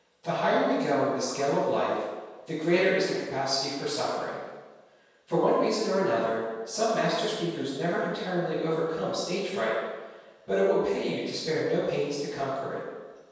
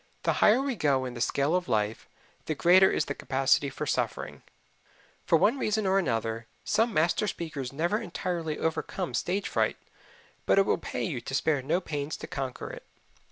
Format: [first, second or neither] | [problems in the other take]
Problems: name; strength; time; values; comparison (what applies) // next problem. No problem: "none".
second | room echo; dies away in 1.2 s